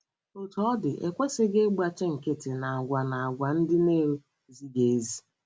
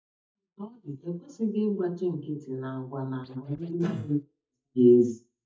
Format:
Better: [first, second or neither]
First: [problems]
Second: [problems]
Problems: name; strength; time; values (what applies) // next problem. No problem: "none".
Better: first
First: none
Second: noise reduction (neural mask model DeepFilterNet 3)